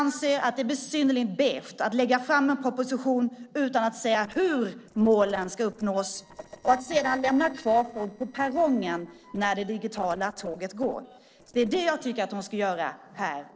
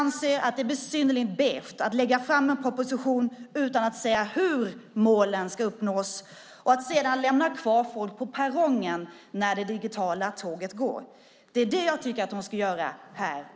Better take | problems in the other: second | noise reduction (neural separator model SepFormer DNS4)

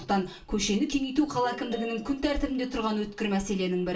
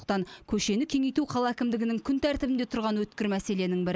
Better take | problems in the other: second | background sound (Ringtone); 16 dB below the speech // room echo; dies away in 0.3 s

